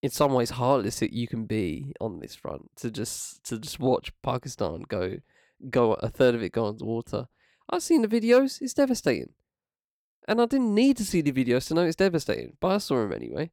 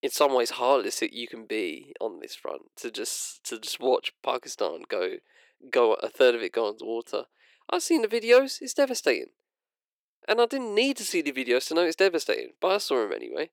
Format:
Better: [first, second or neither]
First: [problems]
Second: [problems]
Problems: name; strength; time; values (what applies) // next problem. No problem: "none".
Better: first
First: none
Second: thin; somewhat; fading below 350 Hz